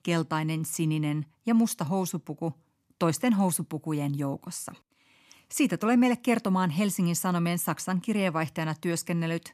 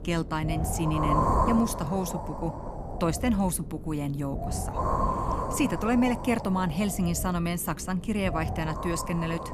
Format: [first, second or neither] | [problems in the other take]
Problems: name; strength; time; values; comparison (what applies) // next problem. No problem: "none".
first | wind noise on the microphone; heavy; 1 dB above the speech